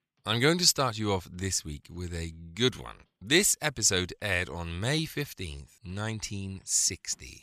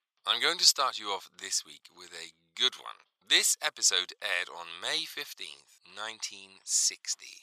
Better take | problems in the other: first | thin; very; fading below 750 Hz

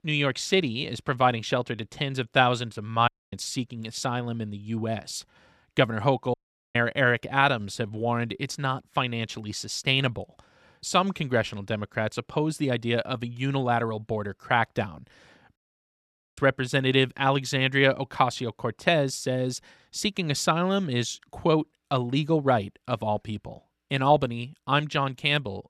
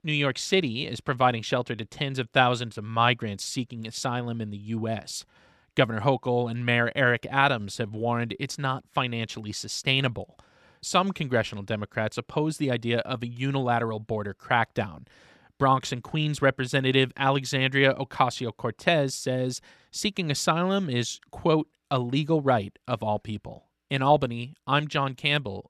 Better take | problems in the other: second | audio cutting out; at 3 s, at 6.5 s and at 16 s for 1 s

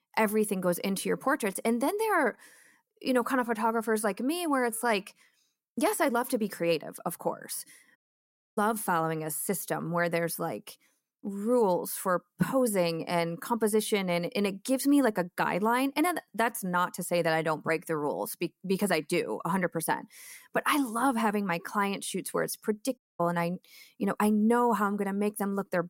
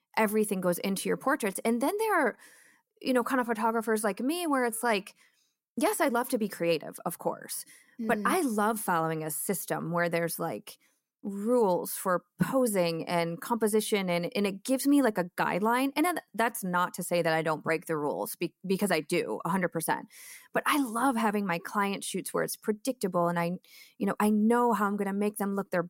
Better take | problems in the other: second | audio cutting out; at 8 s for 0.5 s and at 23 s

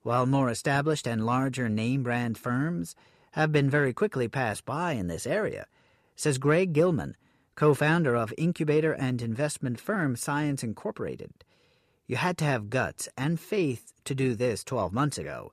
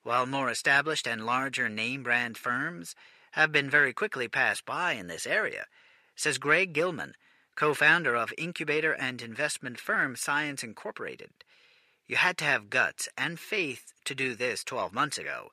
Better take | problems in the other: first | thin; somewhat; fading below 1 kHz

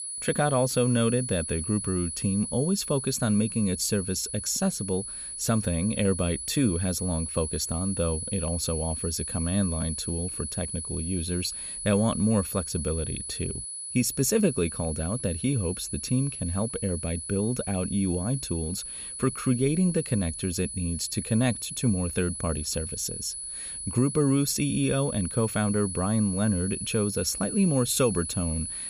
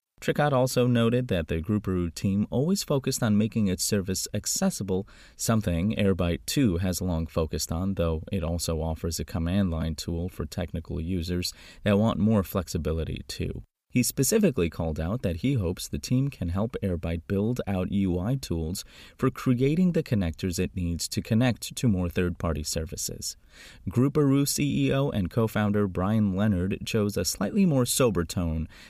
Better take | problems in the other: second | high-pitched whine; loud; throughout; 10 kHz, 5 dB below the speech

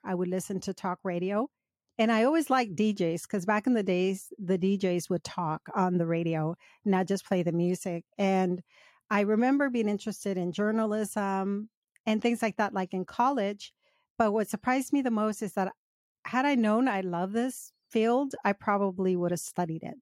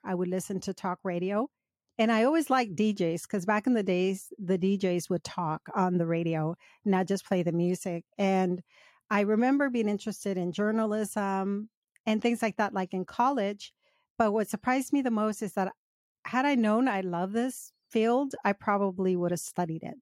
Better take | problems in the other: neither | none

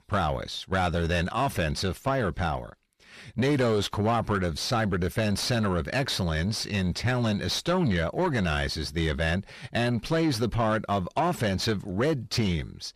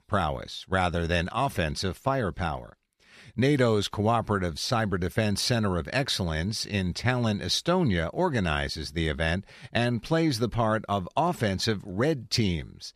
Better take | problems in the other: second | distortion; slight; 10 dB below the speech

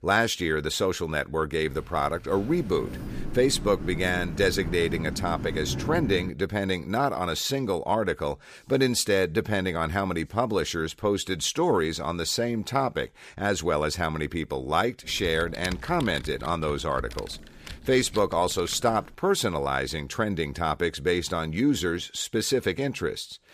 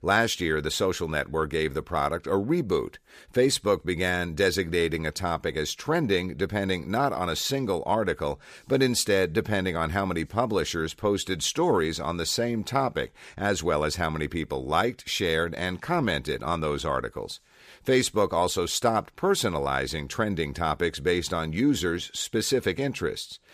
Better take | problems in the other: second | footsteps; noticeable; from 1.5 to 6.5 s; peak 5 dB below the speech // keyboard typing; noticeable; from 15 to 19 s; peak 10 dB below the speech

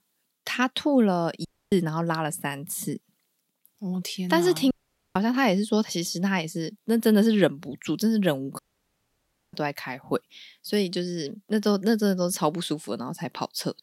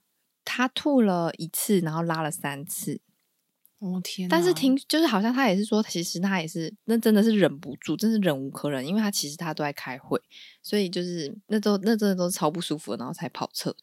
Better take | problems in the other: second | audio cutting out; at 1.5 s, at 4.5 s and at 8.5 s for 1 s

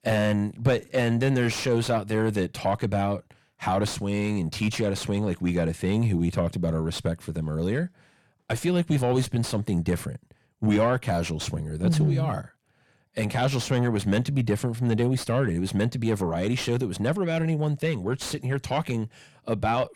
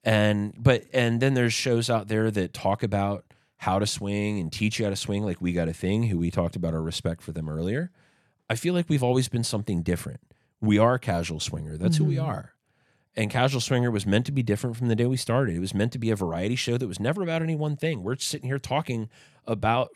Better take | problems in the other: second | distortion; slight; 10 dB below the speech

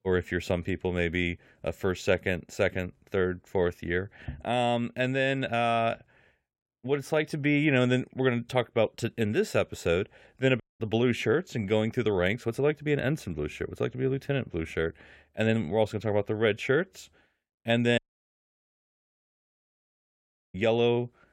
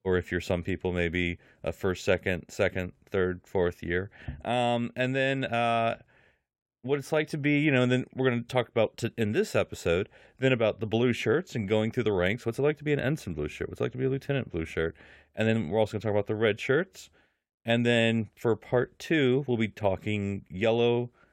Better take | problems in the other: second | audio cutting out; at 11 s and at 18 s for 2.5 s

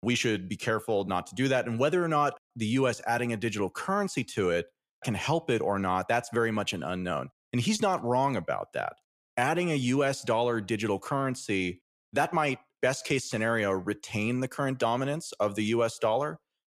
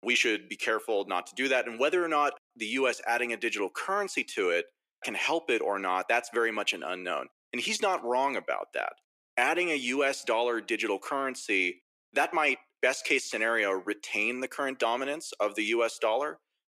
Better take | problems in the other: first | thin; somewhat; fading below 300 Hz

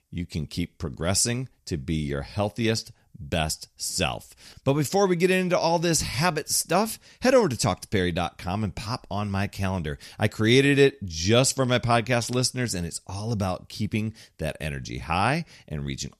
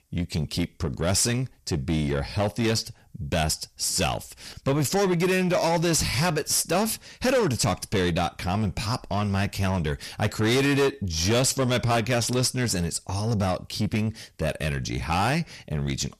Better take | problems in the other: first | distortion; heavy; 7 dB below the speech

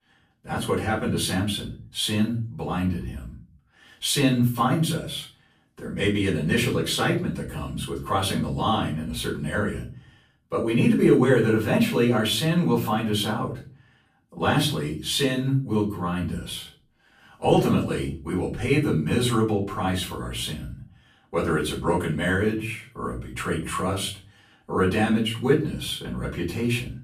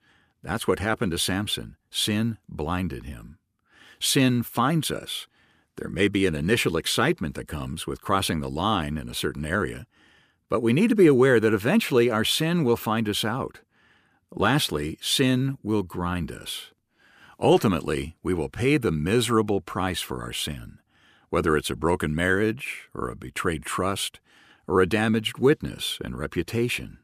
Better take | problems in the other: second | off-mic speech; far // room echo; slight; dies away in 0.4 s

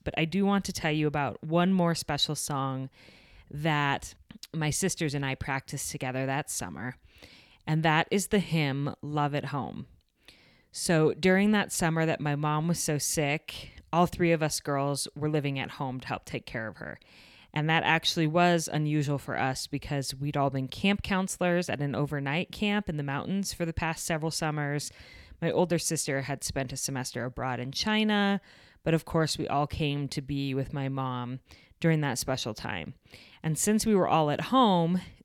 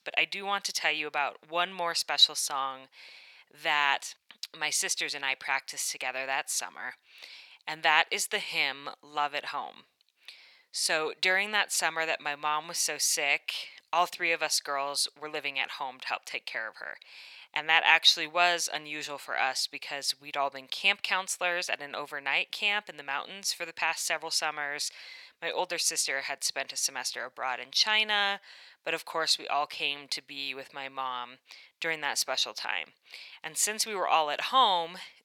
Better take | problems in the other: first | thin; very; fading below 900 Hz

